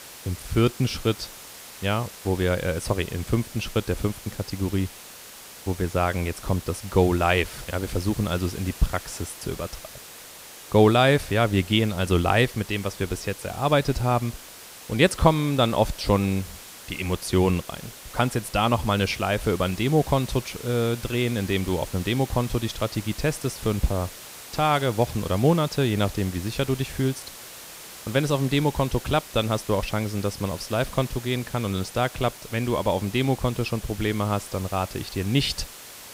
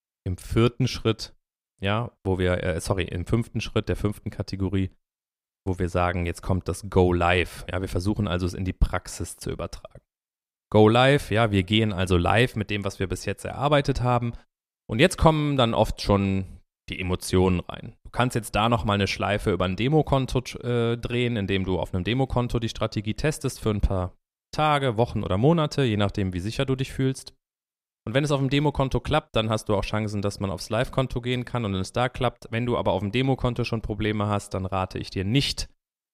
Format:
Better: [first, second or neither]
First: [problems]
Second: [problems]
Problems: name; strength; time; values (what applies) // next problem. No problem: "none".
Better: second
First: hiss; noticeable; throughout; 15 dB below the speech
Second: none